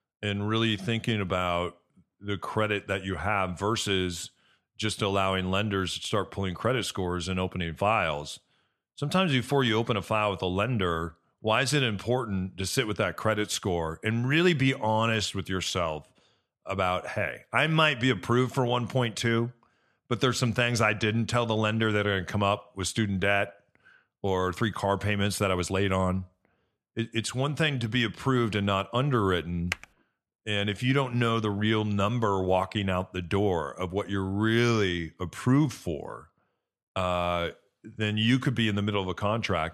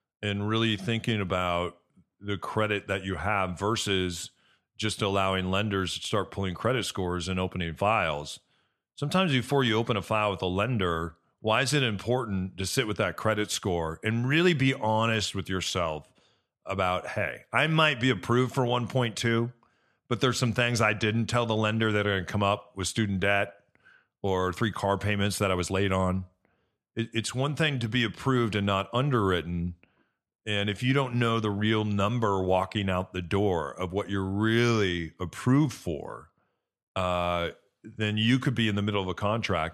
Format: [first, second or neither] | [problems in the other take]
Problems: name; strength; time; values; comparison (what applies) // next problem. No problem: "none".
second | keyboard typing; very faint; at 30 s; peak 8 dB below the speech